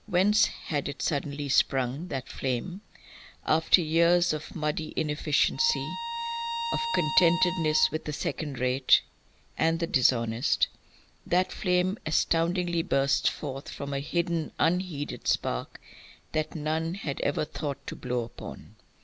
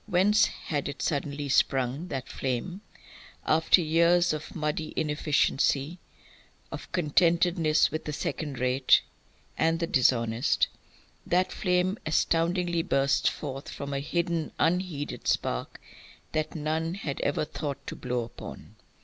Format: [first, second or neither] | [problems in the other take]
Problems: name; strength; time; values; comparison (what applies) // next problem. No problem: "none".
second | background sound (Bowed string instrument); 5 dB below the speech